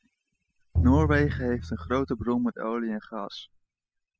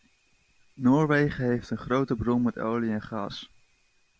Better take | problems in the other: second | noise reduction (classical method spectral subtraction)

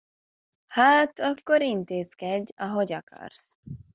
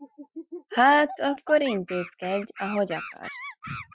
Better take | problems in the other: first | noise reduction (classical method Wiener filter)

